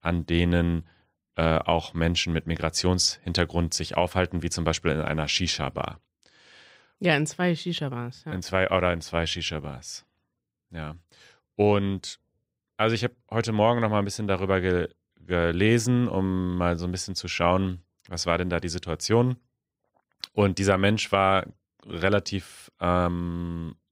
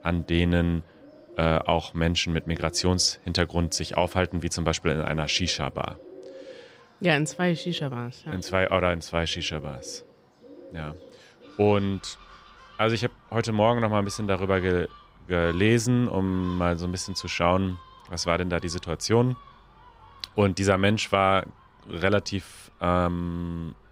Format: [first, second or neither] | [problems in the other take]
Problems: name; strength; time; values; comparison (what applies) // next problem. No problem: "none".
first | animal sounds; faint; throughout; 25 dB below the speech